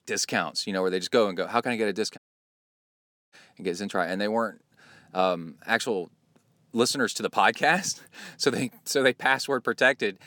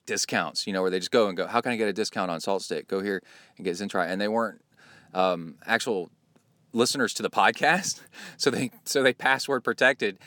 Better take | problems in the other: second | audio cutting out; at 2 s for 1 s

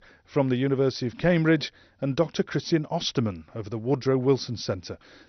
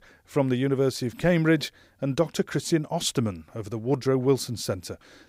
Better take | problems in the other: second | garbled, watery; slightly; nothing above 6 kHz

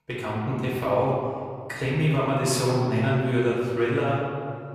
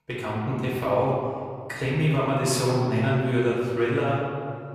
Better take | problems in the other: neither | off-mic speech; far; the same in both // room echo; noticeable; dies away in 1.9 s; the same in both

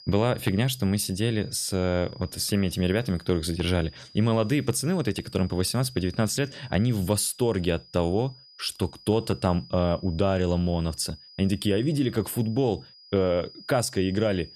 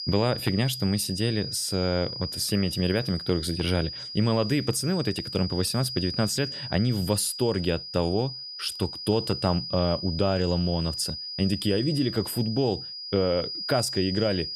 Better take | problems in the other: first | high-pitched whine; loud; throughout; 5 kHz, 6 dB below the speech; faint in the first

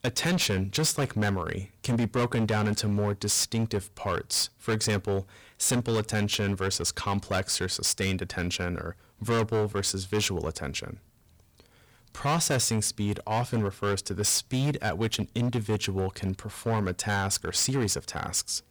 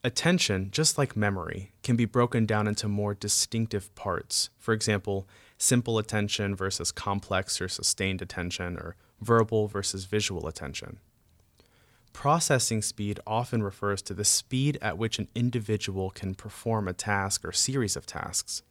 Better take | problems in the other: second | distortion; heavy; 13% of the sound clipped

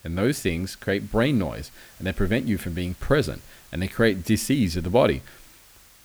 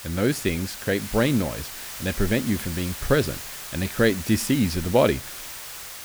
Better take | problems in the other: first | hiss; loud; throughout; 10 dB below the speech; faint in the first

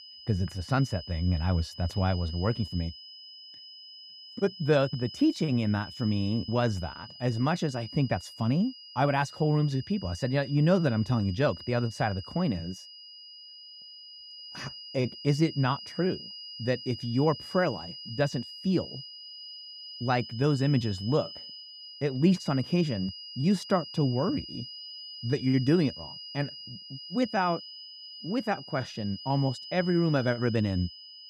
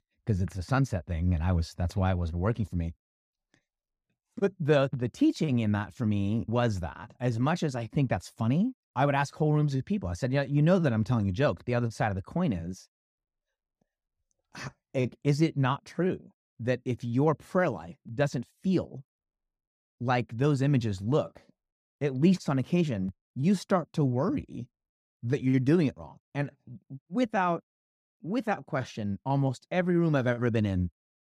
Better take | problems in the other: second | high-pitched whine; noticeable; throughout; 5 kHz, 15 dB below the speech

